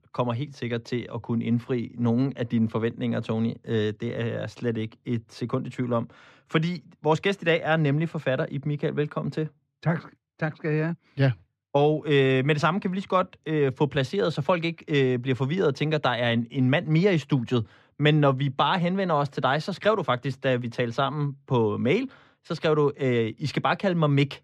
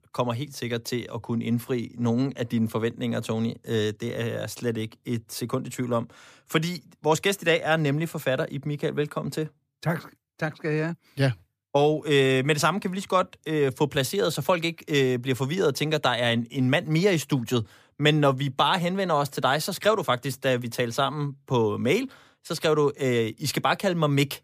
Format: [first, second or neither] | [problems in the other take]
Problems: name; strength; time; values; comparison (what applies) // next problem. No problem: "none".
second | muffled; slightly; fading above 3.5 kHz